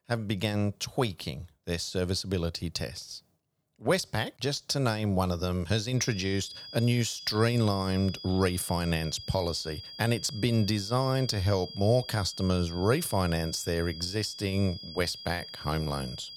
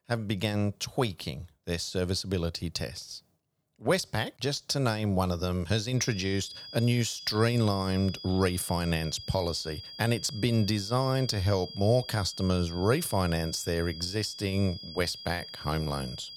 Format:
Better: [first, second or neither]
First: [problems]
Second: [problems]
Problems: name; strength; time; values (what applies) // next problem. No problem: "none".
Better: neither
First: high-pitched whine; noticeable; from 6 s on; 5 kHz, 10 dB below the speech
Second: high-pitched whine; noticeable; from 6 s on; 5 kHz, 10 dB below the speech